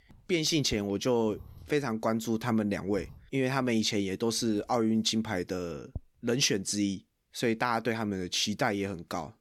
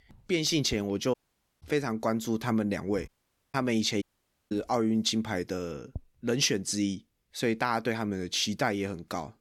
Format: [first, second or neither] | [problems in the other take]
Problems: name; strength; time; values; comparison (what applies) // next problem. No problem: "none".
first | audio cutting out; at 1 s, at 3 s and at 4 s